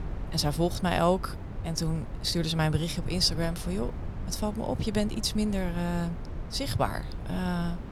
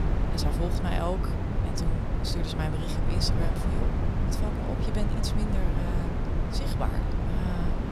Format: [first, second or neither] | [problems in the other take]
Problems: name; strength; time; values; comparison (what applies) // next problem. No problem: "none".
first | wind noise on the microphone; heavy; as loud as the speech; occasional gusts in the first